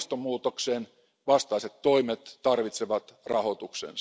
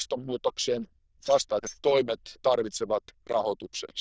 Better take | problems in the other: first | noise reduction (neural diffusion model UNIVERSE++)

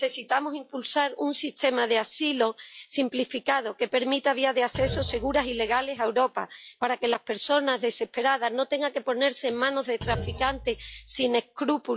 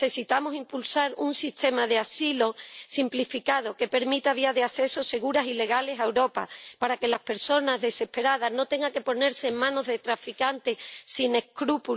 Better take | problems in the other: second | noise reduction (classical method log-MMSE)

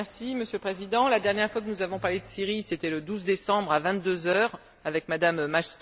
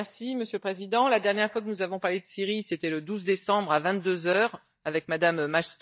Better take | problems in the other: first | noise reduction (neural mask model DeepFilterNet 3)

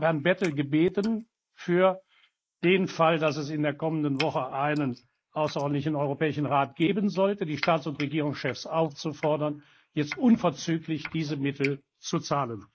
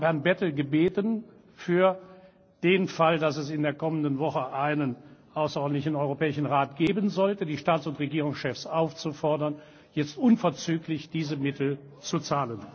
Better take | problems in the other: second | noise reduction (neural mask model Resemble Enhance denoiser)

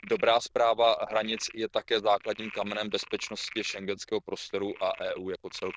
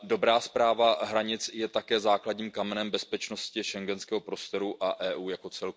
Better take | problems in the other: second | noise reduction (neural diffusion model UNIVERSE++)

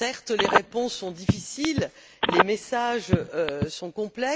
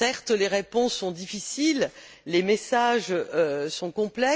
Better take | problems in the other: second | background sound (Telephone); 2 dB above the speech

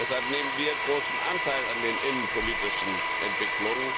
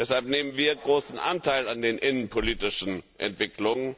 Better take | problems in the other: second | background sound (Domestic sounds, home sounds); 2 dB above the speech

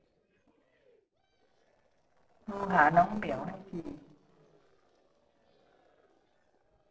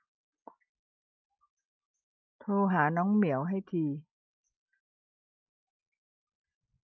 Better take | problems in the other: second | noise reduction (neural separator model SepFormer DNS4)

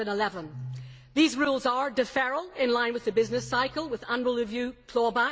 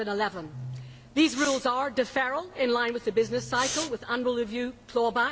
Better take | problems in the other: first | background sound (Respiratory sounds); 14 dB below the speech

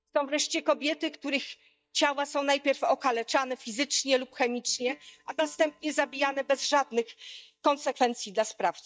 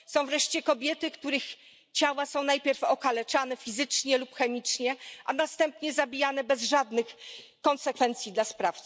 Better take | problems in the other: second | noise reduction (neural mask model DeepFilterNet 3)

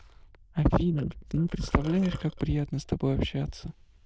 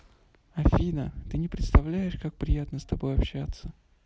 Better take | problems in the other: second | noise reduction (neural diffusion model UNIVERSE++)

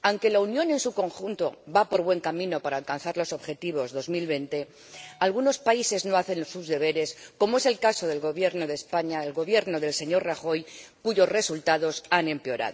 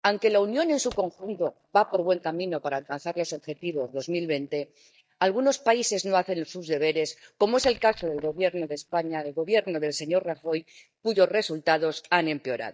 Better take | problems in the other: first | noise reduction (neural mask model DeepFilterNet 3)

